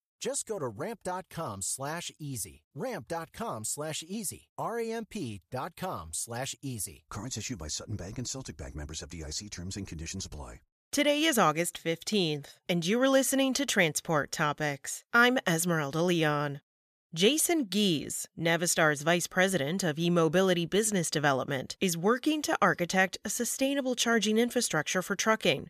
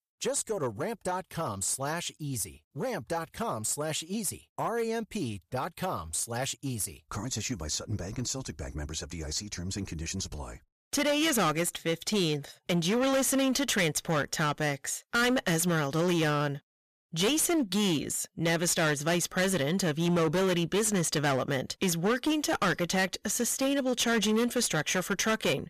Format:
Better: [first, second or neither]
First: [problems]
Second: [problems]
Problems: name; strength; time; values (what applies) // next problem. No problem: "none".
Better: first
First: none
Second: distortion; heavy; 11% of the sound clipped